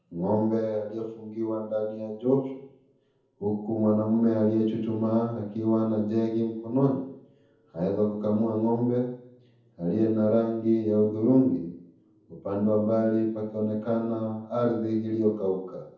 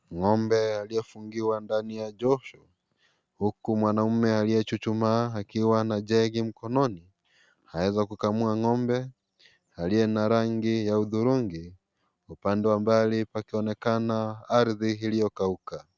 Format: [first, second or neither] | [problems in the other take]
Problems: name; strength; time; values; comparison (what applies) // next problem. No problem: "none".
second | room echo; dies away in 0.7 s